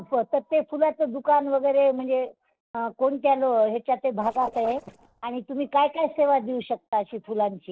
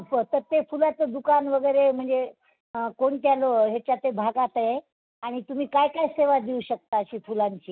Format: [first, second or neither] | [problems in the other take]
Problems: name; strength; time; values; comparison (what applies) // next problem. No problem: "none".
second | noise reduction (neural separator model SepFormer DNS4)